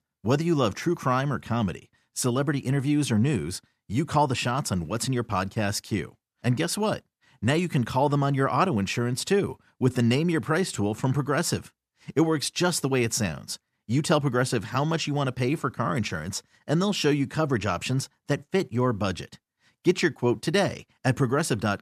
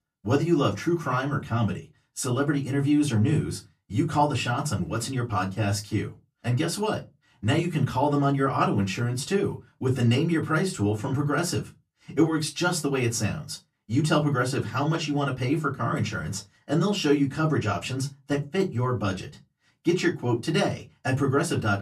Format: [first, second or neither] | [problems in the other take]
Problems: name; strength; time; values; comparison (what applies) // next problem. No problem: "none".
first | off-mic speech; far // room echo; very slight; dies away in 0.2 s